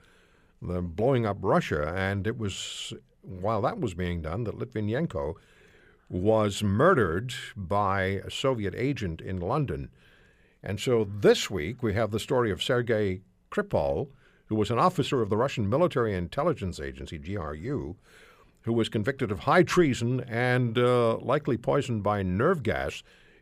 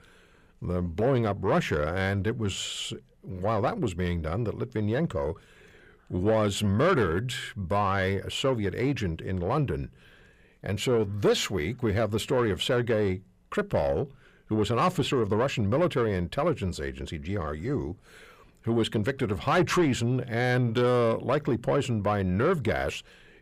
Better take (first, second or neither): first